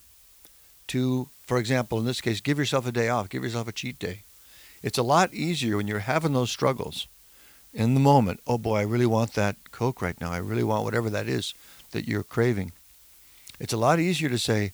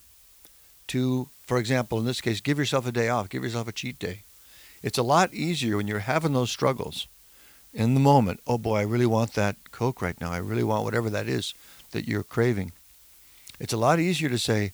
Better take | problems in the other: neither | hiss; faint; throughout; 25 dB below the speech; the same in both

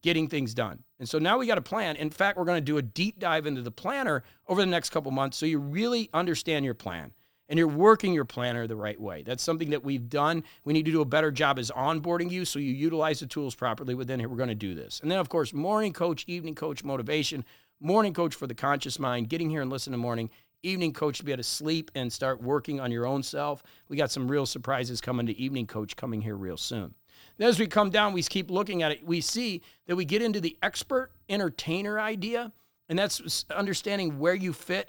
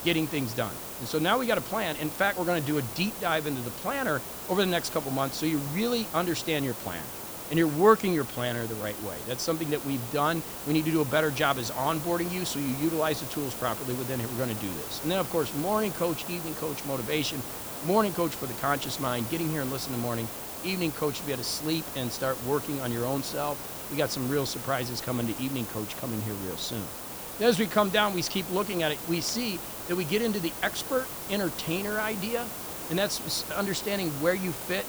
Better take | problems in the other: first | hiss; loud; throughout; 6 dB below the speech

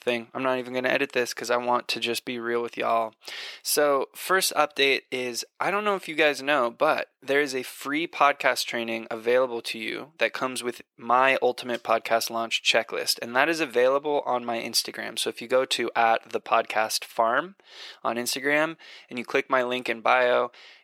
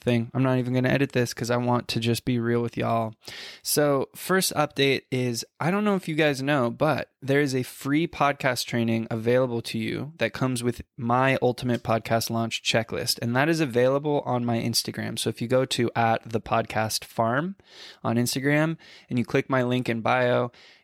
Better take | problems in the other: second | thin; somewhat; fading below 450 Hz

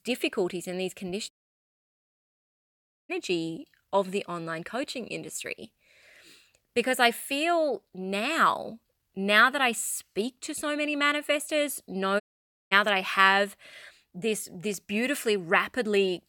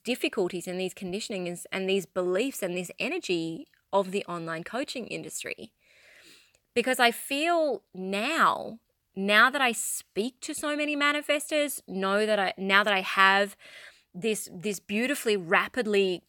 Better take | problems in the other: second | audio cutting out; at 1.5 s for 2 s and at 12 s for 0.5 s

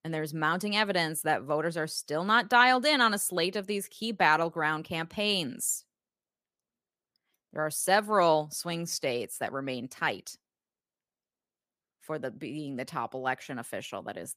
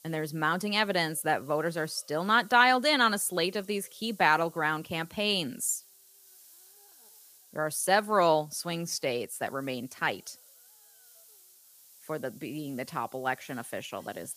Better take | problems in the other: first | hiss; faint; throughout; 25 dB below the speech

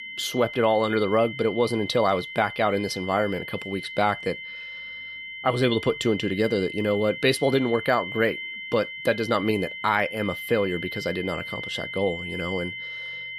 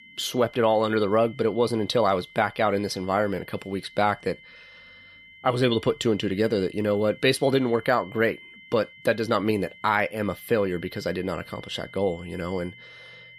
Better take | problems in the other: second | high-pitched whine; loud; throughout; 2 kHz, 9 dB below the speech; faint in the second

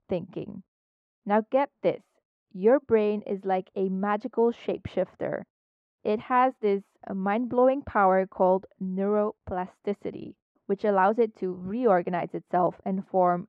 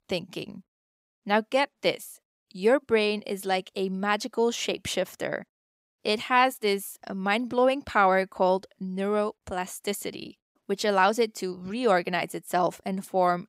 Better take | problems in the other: second | muffled; very; fading above 1 kHz

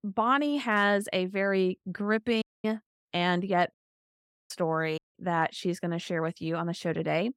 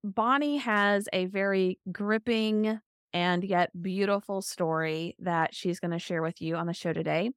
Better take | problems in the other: second | audio cutting out; at 2.5 s, at 3.5 s for 1 s and at 5 s

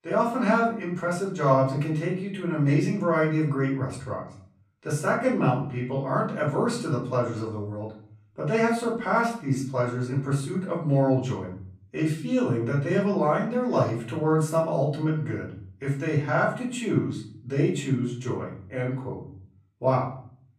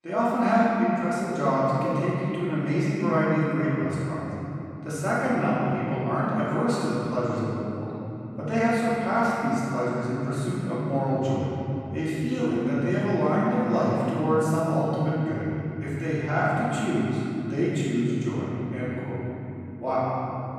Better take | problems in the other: first | room echo; strong; dies away in 3 s; slight in the first // off-mic speech; far; far in the first

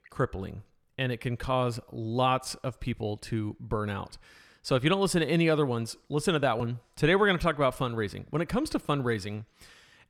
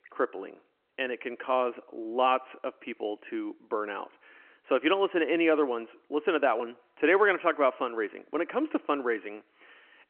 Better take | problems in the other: first | phone-call audio

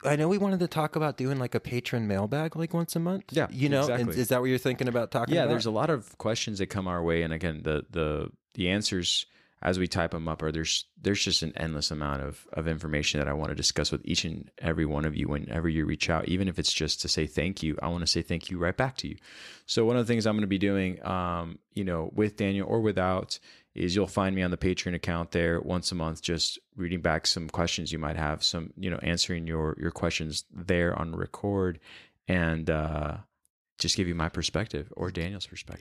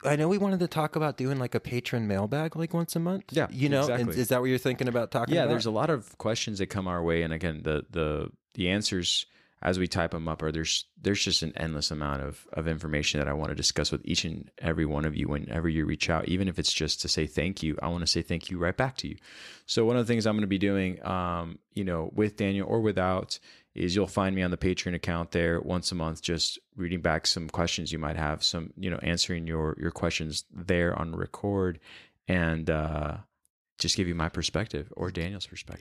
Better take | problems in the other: neither | none

